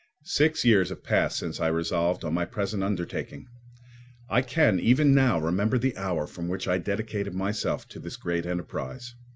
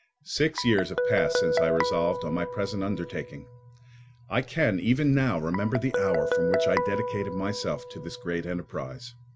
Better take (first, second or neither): first